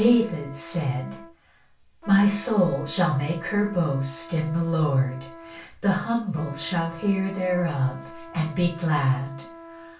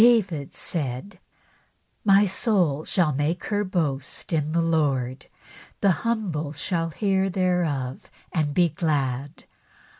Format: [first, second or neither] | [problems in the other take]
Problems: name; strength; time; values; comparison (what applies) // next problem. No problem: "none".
second | background sound (Trumpet); 18 dB below the speech // room echo; dies away in 0.3 s